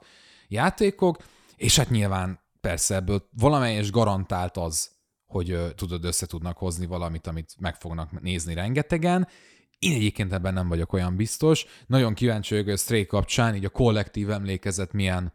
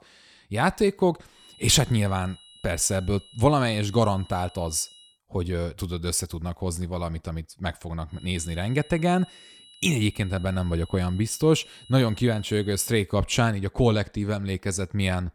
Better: first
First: none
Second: high-pitched whine; faint; from 1.5 to 5 s and from 8 to 13 s; 3 kHz, 25 dB below the speech

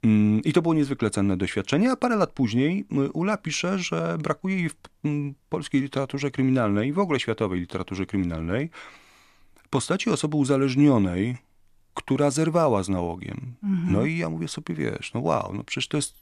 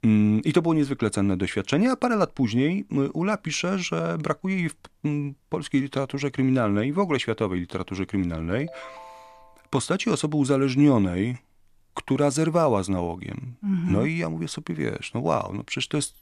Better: first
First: none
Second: phone ringing; faint; from 8.5 to 9.5 s; peak 15 dB below the speech

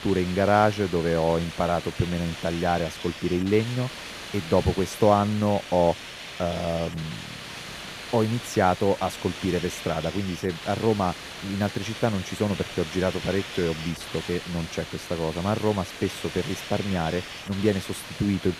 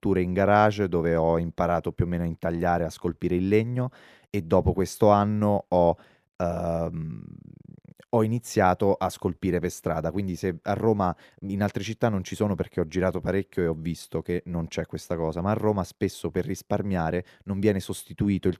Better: second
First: hiss; loud; throughout; 10 dB below the speech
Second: none

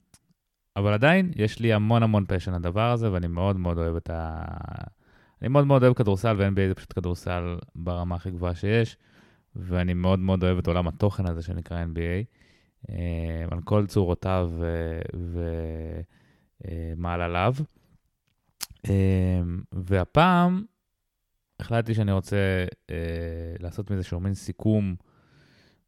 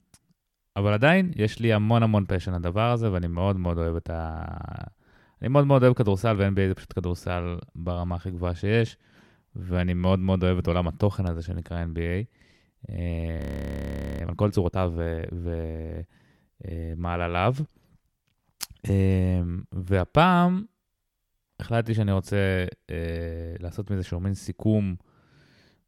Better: first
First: none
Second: audio freezing; at 13 s for 1 s

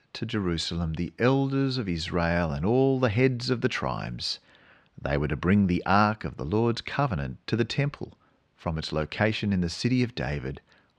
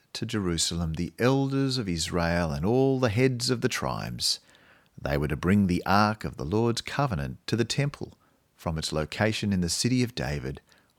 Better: second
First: muffled; very slightly; fading above 3 kHz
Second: none

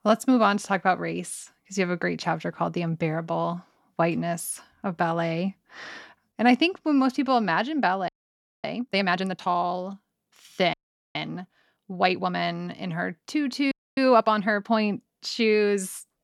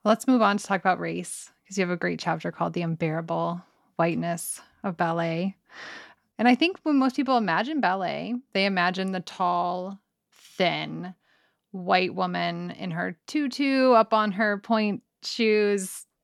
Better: second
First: audio freezing; at 8 s for 0.5 s, at 11 s and at 14 s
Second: none

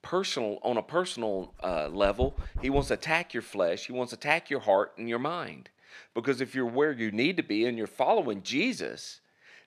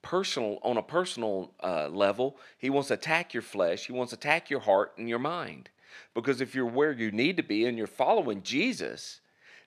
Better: second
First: dog barking; noticeable; from 1.5 to 3 s; peak 8 dB below the speech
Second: none

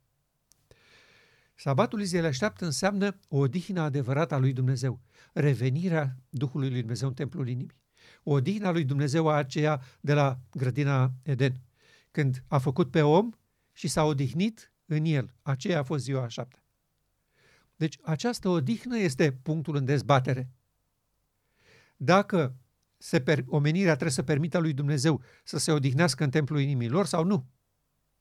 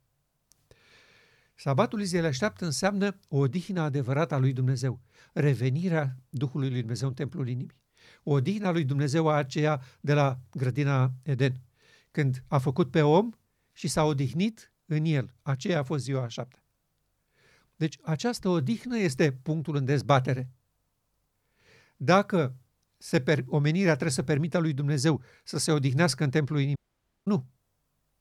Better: first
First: none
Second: audio cutting out; at 27 s for 0.5 s

